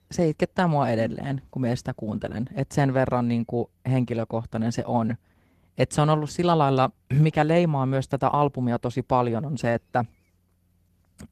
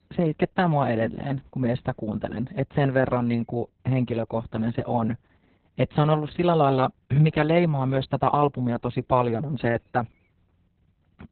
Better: first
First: garbled, watery; slightly; nothing above 14 kHz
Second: garbled, watery; badly; nothing above 4 kHz

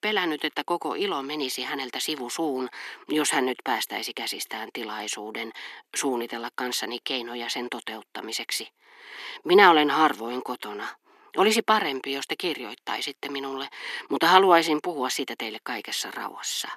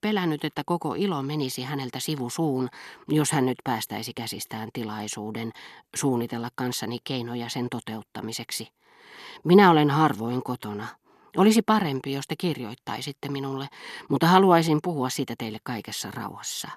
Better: second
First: thin; somewhat; fading below 300 Hz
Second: none

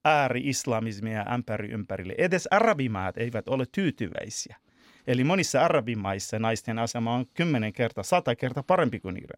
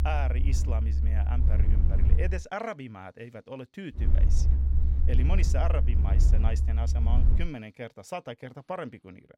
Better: first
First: none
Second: low rumble; loud; until 2.5 s and from 4 to 7.5 s; 6 dB below the speech

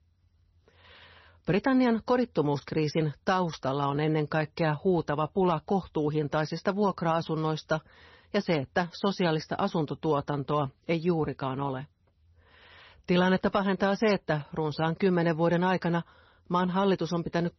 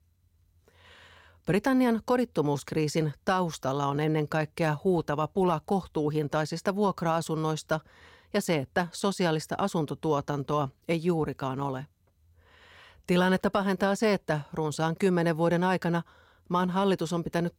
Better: second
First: garbled, watery; slightly; nothing above 6 kHz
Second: none

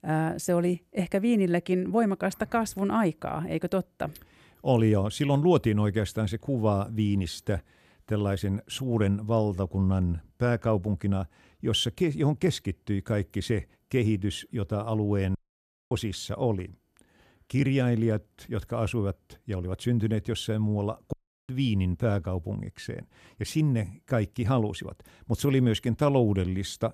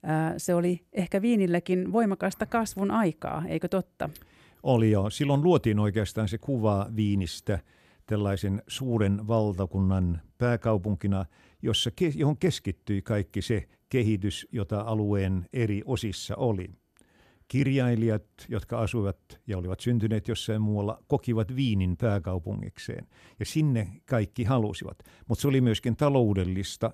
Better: second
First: audio cutting out; at 15 s for 0.5 s and at 21 s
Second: none

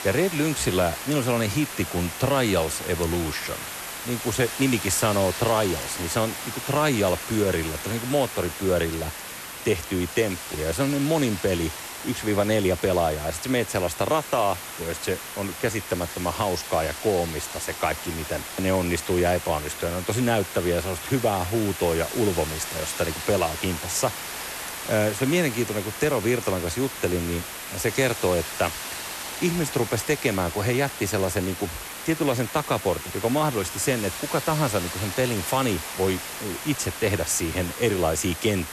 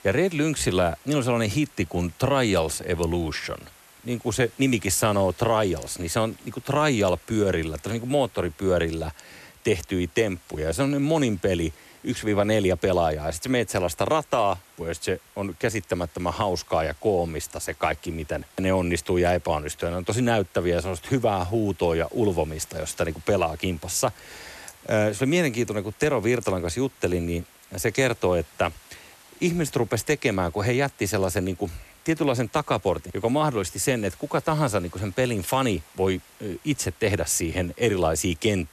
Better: second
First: hiss; loud; throughout; 7 dB below the speech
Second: hiss; faint; throughout; 25 dB below the speech

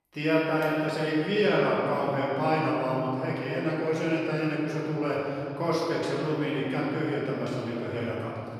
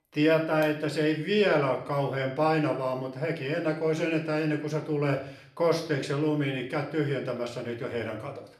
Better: second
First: room echo; strong; dies away in 2.4 s // off-mic speech; far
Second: room echo; slight; dies away in 0.5 s // off-mic speech; somewhat distant

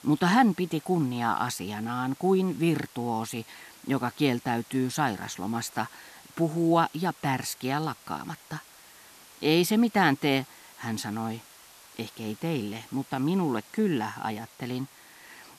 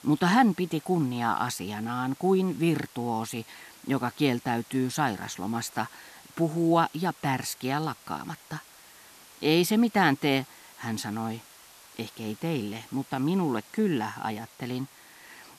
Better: neither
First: hiss; faint; throughout; 20 dB below the speech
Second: hiss; faint; throughout; 20 dB below the speech

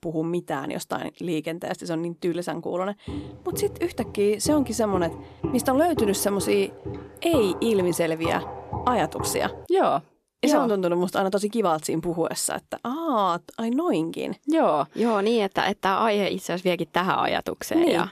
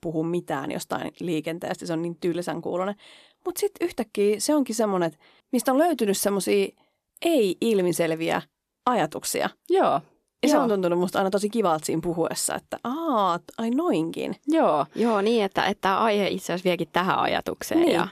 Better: second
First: footsteps; noticeable; from 3 to 9.5 s; peak 7 dB below the speech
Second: none

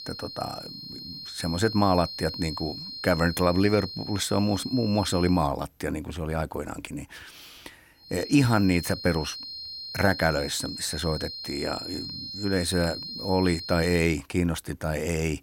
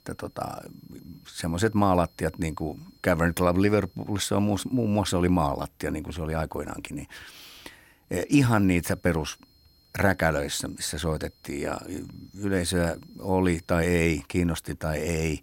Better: second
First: high-pitched whine; loud; until 5.5 s and from 8 to 14 s; 4 kHz, 9 dB below the speech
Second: high-pitched whine; faint; until 5.5 s and from 8 to 14 s; 4 kHz, 35 dB below the speech

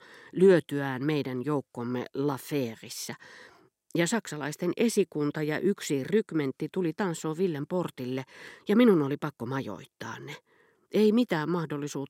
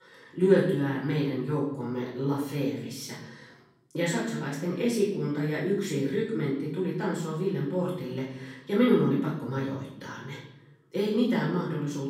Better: first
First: none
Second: off-mic speech; far // room echo; noticeable; dies away in 0.8 s

